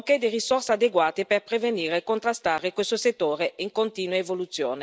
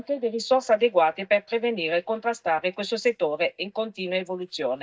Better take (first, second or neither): first